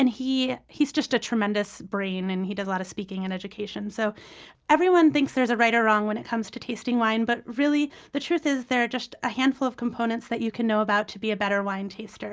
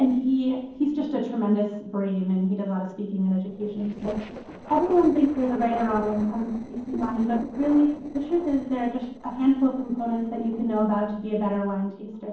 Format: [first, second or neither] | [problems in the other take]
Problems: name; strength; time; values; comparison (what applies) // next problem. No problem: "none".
first | noise reduction (neural separator model SepFormer DNS4)